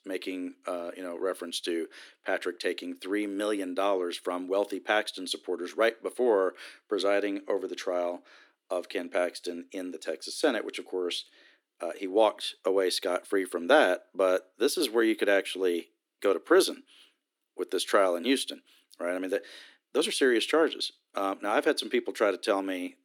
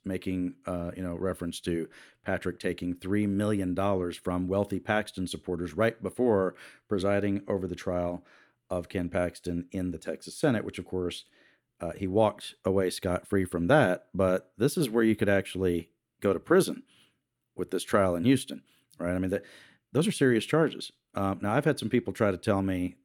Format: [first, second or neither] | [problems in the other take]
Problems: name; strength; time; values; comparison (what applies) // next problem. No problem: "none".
second | thin; somewhat; fading below 300 Hz